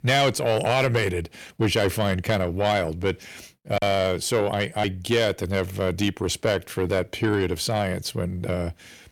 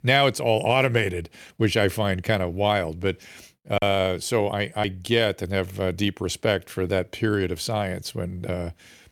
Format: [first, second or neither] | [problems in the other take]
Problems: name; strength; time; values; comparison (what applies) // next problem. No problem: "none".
second | distortion; slight; 10 dB below the speech